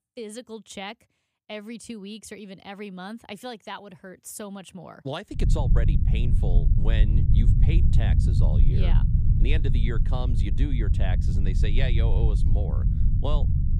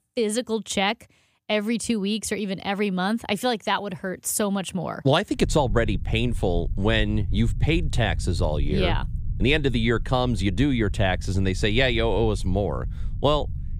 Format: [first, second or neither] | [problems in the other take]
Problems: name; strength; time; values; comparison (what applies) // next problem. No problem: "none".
second | low rumble; loud; from 5.5 s on; 2 dB below the speech; faint in the second